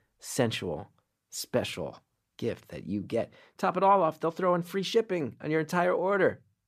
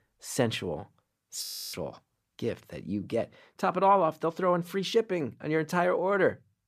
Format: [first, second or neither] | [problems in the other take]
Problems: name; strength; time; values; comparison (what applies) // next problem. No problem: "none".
first | audio freezing; at 1.5 s